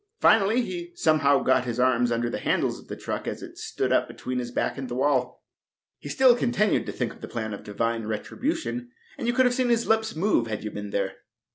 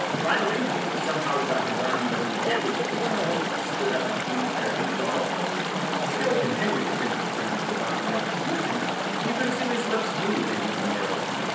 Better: first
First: none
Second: background sound (Chatter / Stream); 3 dB above the speech // room echo; dies away in 0.9 s

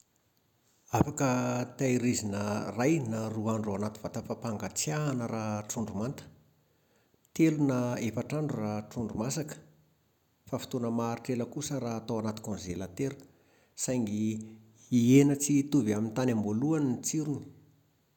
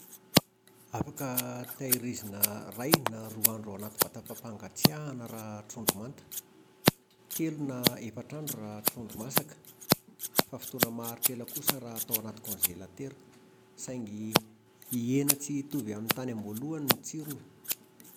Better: first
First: none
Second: background sound (Scissors); 5 dB above the speech

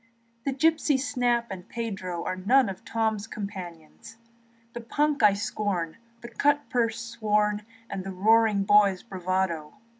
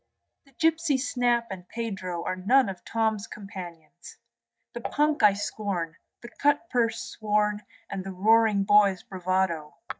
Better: first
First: none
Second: noise reduction (neural mask model DeepFilterNet 3)

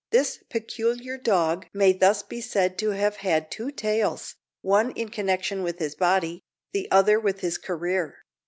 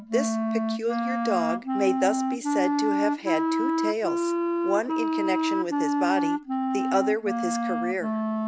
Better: first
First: none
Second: background sound (Wind instrument, woodwind instrument); 3 dB above the speech

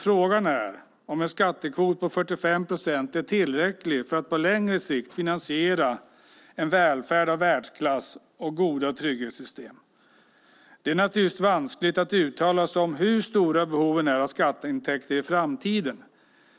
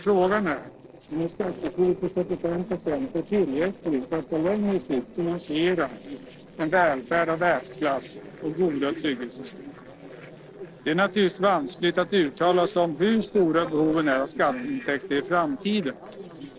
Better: first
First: none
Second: noise reduction (neural separator model SepFormer DNS4)

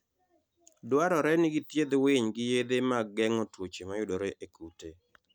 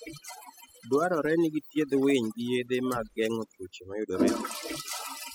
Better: first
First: none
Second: noise reduction (classical method spectral subtraction)

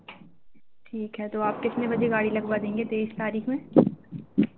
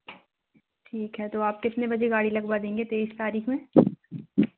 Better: second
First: background sound (Thunder); 11 dB below the speech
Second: none

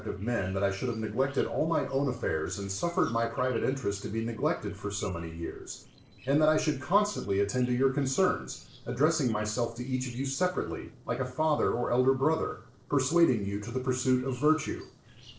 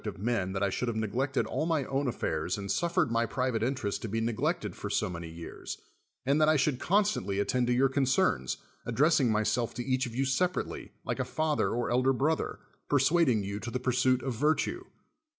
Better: second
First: noise reduction (neural separator model SepFormer DNS4)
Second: none

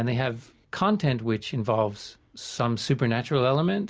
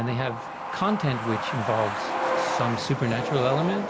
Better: first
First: none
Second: background sound (Truck); 2 dB below the speech

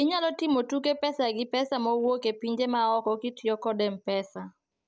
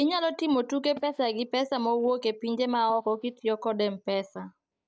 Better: first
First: none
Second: noise reduction (neural mask model DeepFilterNet 3)

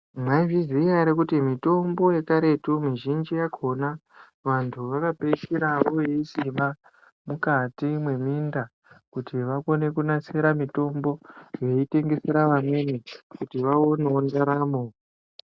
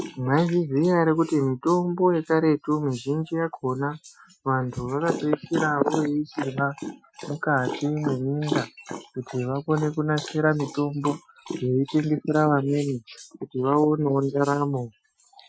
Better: first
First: none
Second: noise reduction (classical method Wiener filter)

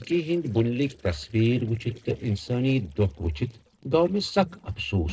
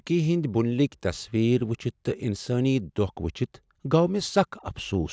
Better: second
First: noise reduction (neural separator model SepFormer DNS4)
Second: none

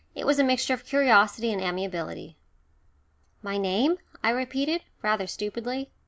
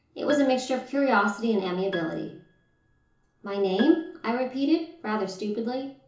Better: first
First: none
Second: background sound (Piano); 19 dB below the speech // room echo; dies away in 0.7 s

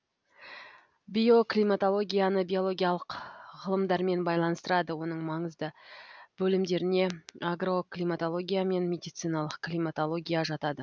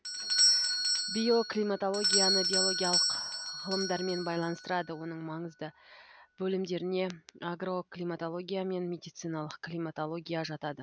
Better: first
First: none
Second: background sound (Doorbell); 1 dB above the speech

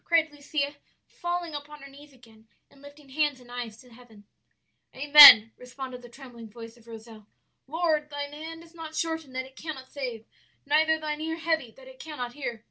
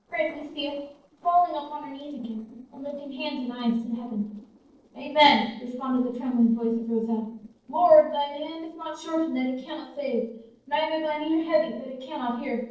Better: first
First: none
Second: noise reduction (neural separator model SepFormer DNS4)

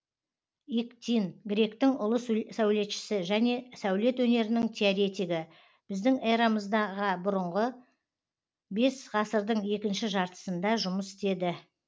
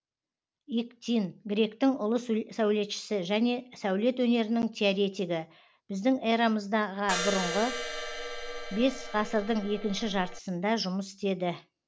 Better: first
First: none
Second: background sound (Crash cymbal); 6 dB below the speech

